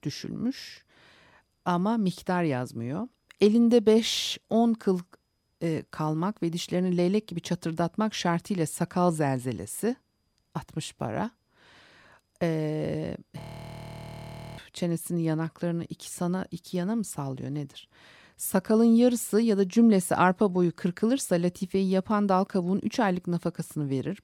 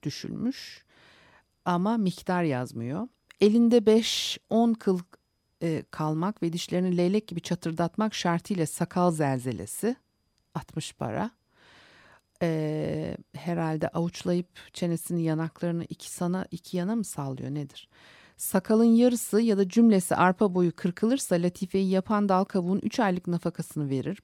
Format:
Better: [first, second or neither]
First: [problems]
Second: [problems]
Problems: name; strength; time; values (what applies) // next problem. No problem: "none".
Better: second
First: audio freezing; at 13 s for 1 s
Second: none